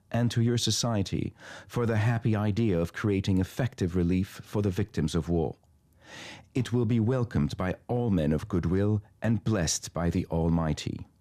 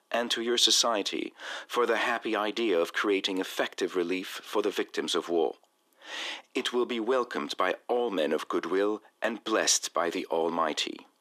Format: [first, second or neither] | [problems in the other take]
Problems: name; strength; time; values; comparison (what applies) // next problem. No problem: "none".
first | thin; very; fading below 300 Hz